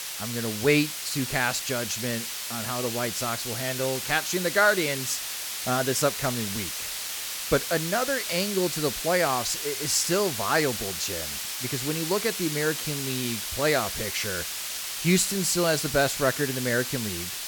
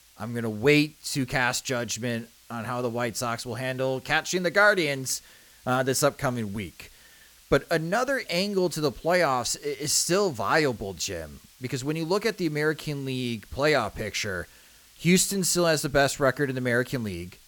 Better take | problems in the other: second | hiss; loud; throughout; 3 dB below the speech; faint in the second

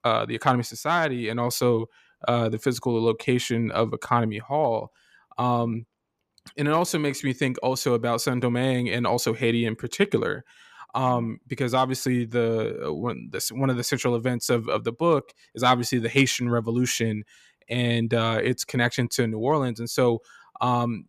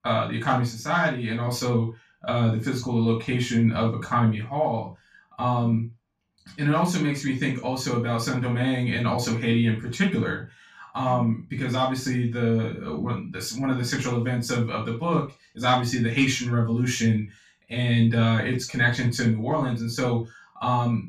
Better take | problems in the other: first | room echo; noticeable; dies away in 0.2 s // off-mic speech; far

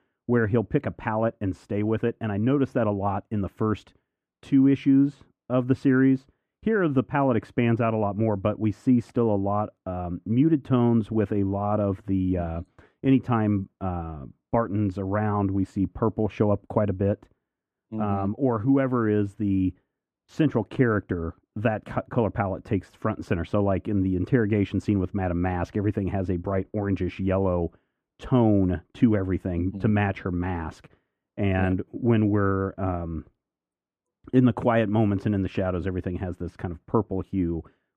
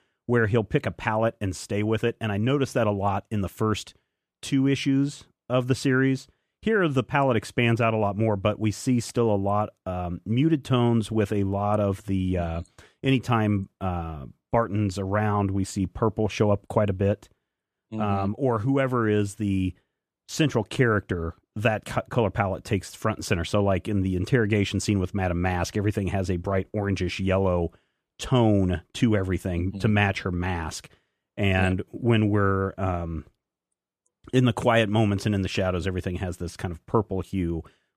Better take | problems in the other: second | muffled; very; fading above 3 kHz

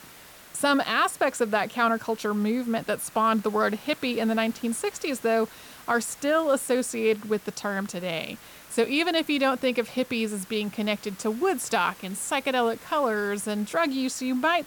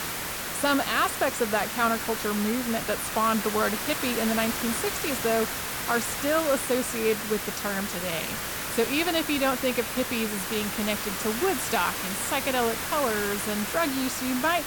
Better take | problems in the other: first | hiss; loud; throughout; 2 dB below the speech; faint in the first

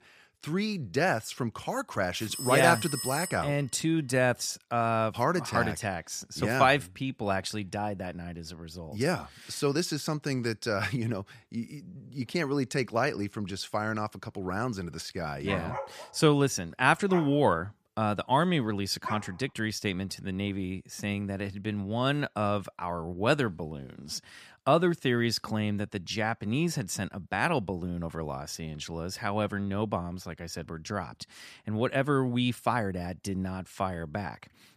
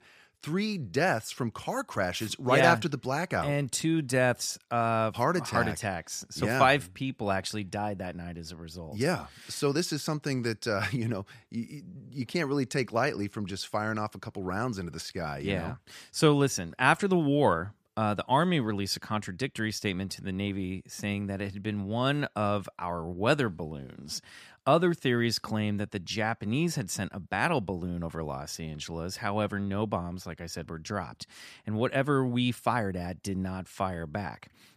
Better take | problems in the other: second | phone ringing; noticeable; from 2.5 to 3.5 s; peak 3 dB below the speech // dog barking; noticeable; from 15 to 19 s; peak 7 dB below the speech

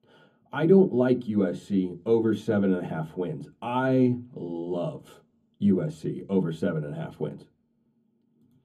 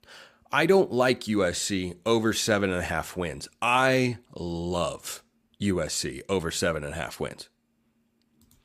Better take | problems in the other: second | room echo; slight; dies away in 0.3 s // off-mic speech; far

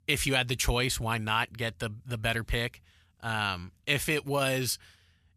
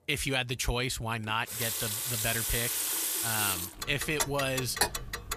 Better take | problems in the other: first | household noises; very loud; throughout; 2 dB above the speech

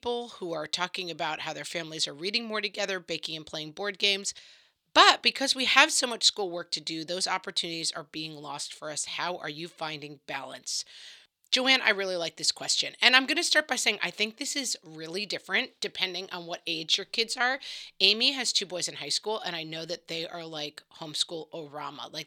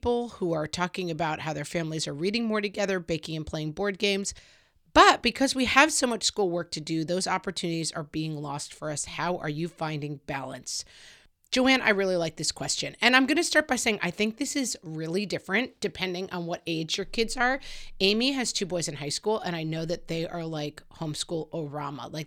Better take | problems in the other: second | thin; very slightly; fading below 600 Hz

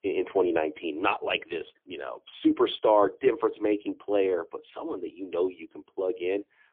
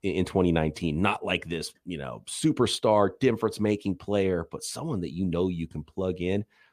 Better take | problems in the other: second | phone-call audio; poor line; nothing above 3.5 kHz

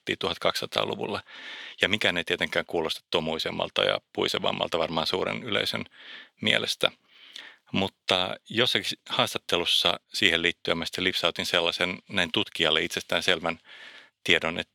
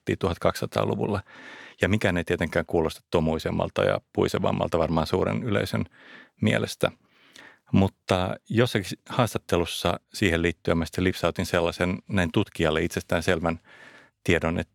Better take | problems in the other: second | thin; very slightly; fading below 850 Hz

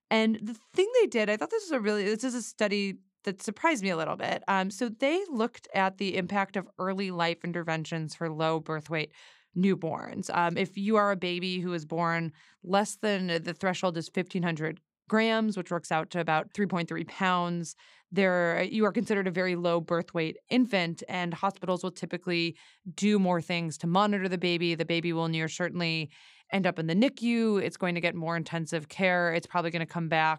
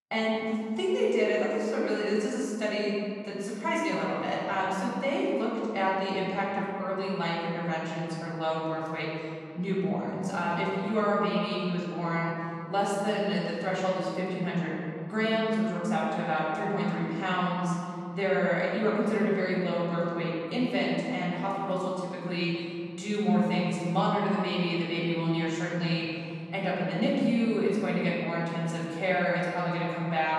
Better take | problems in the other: first | off-mic speech; far // room echo; strong; dies away in 2.4 s

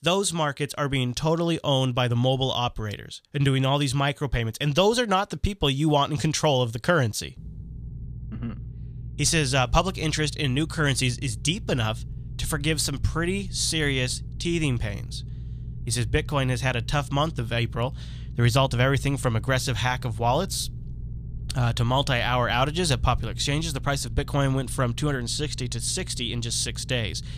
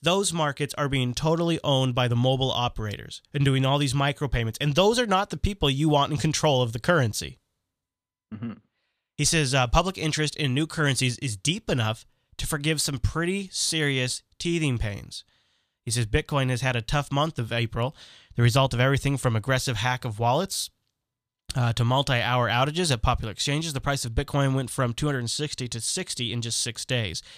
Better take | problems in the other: second | low rumble; faint; from 7.5 s on; 25 dB below the speech

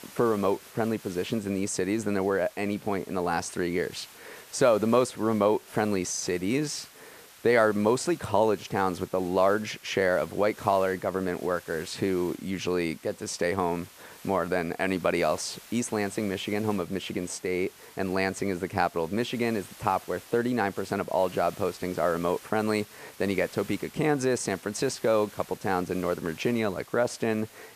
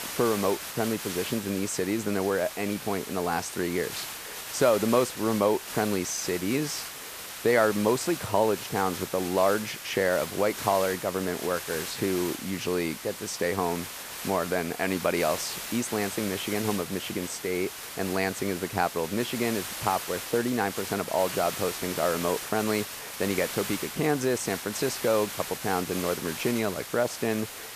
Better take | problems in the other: first | hiss; loud; throughout; 7 dB below the speech; faint in the first

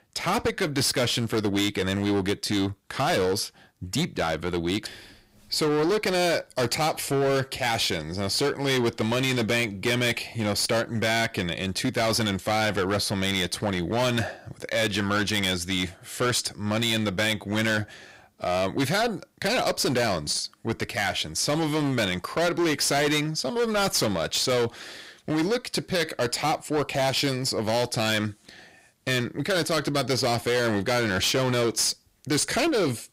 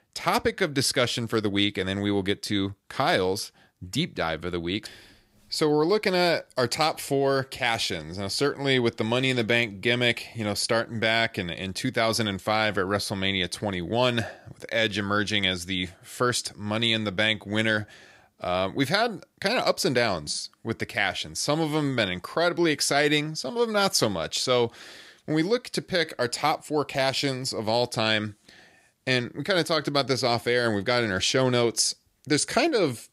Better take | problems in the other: second | distortion; heavy; 16% of the sound clipped

